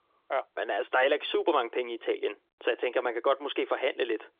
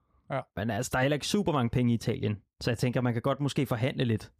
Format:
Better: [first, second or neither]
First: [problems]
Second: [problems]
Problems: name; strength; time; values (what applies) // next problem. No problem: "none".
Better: second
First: phone-call audio; nothing above 3.5 kHz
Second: none